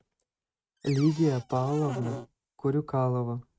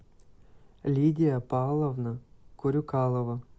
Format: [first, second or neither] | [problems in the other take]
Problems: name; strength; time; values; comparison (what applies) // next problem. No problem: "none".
second | noise reduction (neural mask model RNNoise)